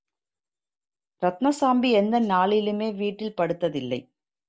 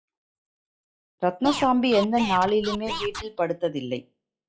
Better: first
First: none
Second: noise reduction (classical method log-MMSE)

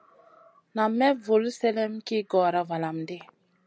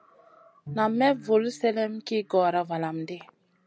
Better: first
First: none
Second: background sound (Bowed string instrument); 20 dB below the speech

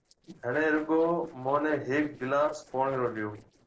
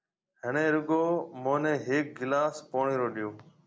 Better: second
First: noise reduction (neural separator model SepFormer DNS4)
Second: none

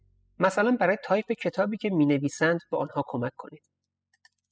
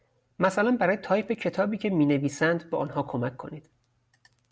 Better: second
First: noise reduction (classical method spectral subtraction)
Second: none

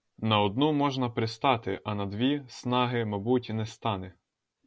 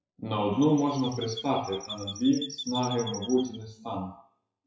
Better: first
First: none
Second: noise reduction (classical method WPE with log-MMSE)

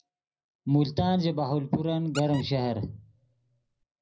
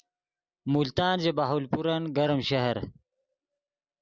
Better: second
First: background sound (Squeak); 19 dB below the speech // room echo; dies away in 0.3 s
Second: none

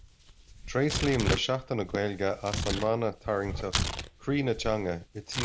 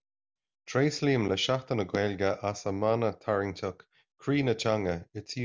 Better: second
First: background sound (Tearing); 5 dB below the speech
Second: none

